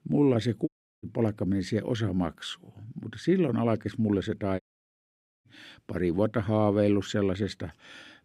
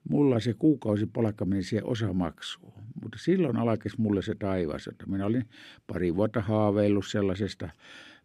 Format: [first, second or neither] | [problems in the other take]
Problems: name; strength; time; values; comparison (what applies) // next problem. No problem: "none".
second | audio cutting out; at 0.5 s and at 4.5 s for 1 s